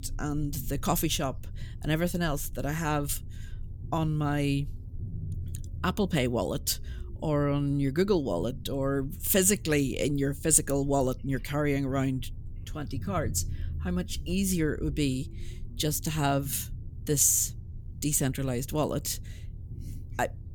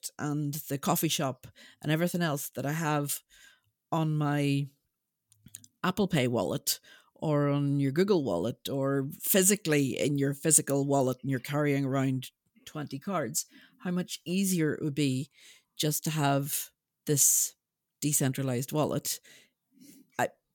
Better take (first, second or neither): second